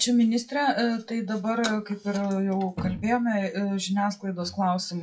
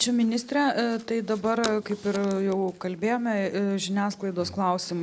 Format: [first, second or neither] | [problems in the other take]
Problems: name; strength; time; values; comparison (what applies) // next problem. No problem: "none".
second | noise reduction (classical method WPE with log-MMSE)